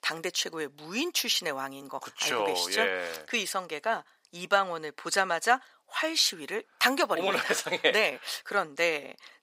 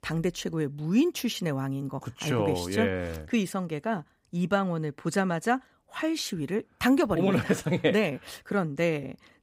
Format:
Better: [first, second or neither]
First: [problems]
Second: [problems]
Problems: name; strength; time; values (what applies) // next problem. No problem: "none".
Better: second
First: thin; very; fading below 700 Hz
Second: none